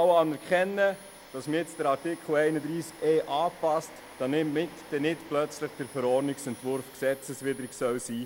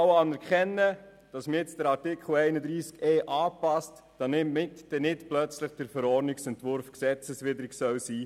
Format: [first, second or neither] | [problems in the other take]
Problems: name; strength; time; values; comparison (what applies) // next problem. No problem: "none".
second | background sound (Domestic sounds, home sounds); 20 dB below the speech